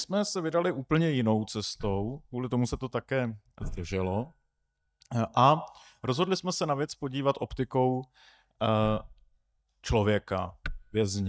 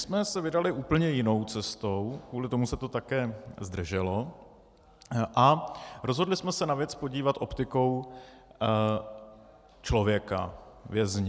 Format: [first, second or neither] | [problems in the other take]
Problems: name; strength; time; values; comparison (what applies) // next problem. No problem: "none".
second | noise reduction (neural mask model DeepFilterNet 3)